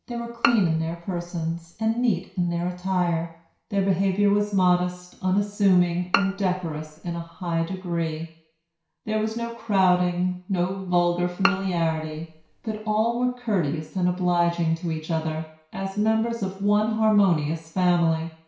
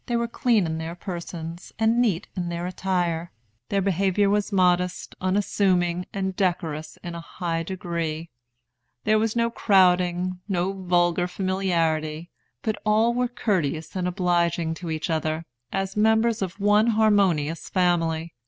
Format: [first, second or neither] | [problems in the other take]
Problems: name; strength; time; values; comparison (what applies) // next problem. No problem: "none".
second | background sound (Bowed string instrument); 8 dB below the speech // room echo; dies away in 0.6 s